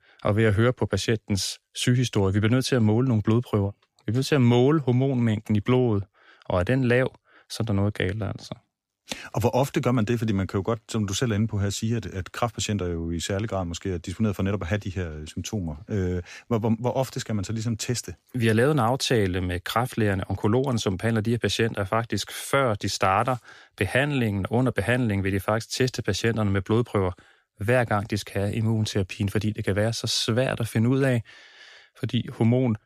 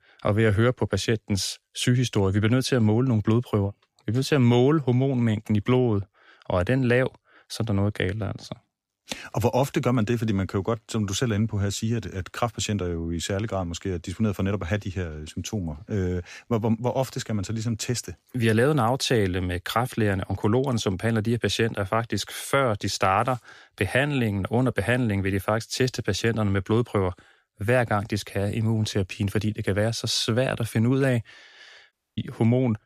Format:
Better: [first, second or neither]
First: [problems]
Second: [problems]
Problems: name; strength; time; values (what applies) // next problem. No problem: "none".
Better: first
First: none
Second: audio cutting out; at 32 s